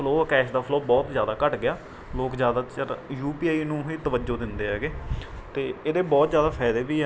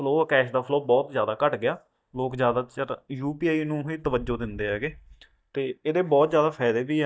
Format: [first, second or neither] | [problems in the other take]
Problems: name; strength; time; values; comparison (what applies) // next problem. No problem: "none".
first | noise reduction (neural mask model DeepFilterNet 3)